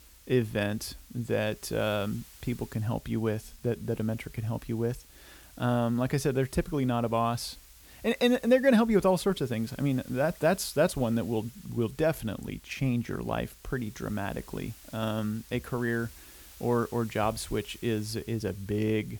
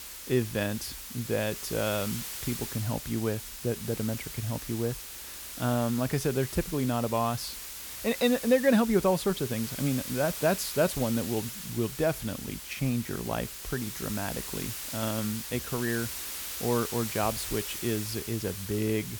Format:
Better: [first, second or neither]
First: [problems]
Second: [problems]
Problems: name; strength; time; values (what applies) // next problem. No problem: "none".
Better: first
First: hiss; faint; throughout; 20 dB below the speech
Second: hiss; loud; throughout; 6 dB below the speech